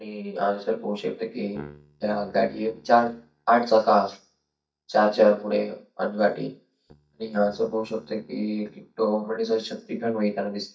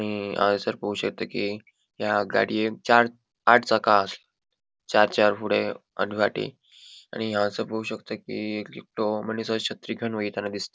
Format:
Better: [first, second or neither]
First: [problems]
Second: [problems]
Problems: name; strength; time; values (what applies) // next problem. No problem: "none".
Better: second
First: noise reduction (neural mask model DeepFilterNet 3)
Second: none